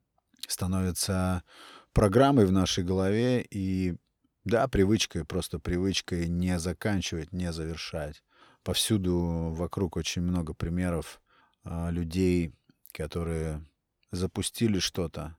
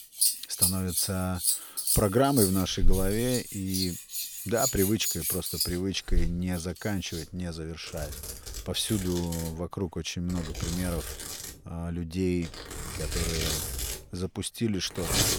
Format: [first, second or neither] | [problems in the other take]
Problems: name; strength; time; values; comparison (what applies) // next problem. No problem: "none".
first | household noises; very loud; throughout; 1 dB above the speech